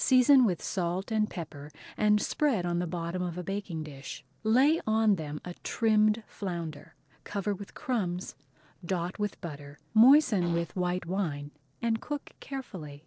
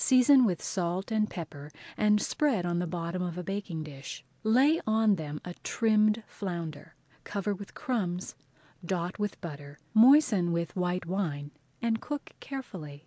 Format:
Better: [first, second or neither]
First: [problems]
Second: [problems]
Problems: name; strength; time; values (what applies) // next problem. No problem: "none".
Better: second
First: noise reduction (neural separator model SepFormer DNS4)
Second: none